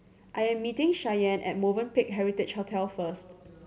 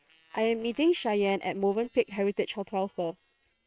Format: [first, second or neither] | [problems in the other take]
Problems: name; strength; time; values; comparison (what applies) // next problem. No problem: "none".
first | noise reduction (neural separator model SepFormer WHAM!)